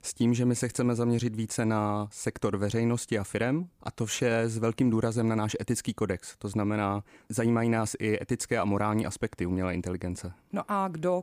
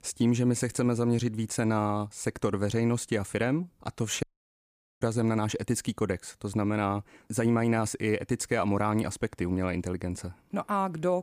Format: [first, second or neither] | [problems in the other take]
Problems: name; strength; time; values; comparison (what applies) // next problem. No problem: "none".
first | audio cutting out; at 4 s for 1 s